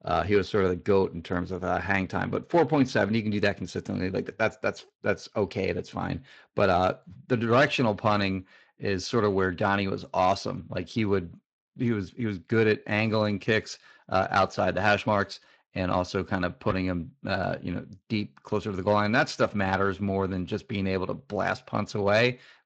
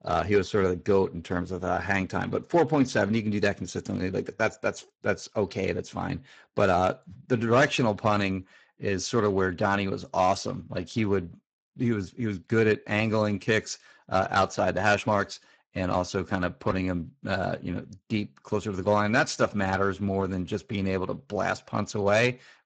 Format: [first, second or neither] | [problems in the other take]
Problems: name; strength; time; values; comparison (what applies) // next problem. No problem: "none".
first | garbled, watery; badly; nothing above 7.5 kHz; slightly in the first